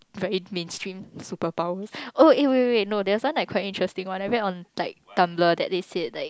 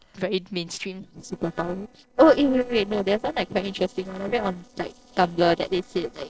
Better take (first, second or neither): first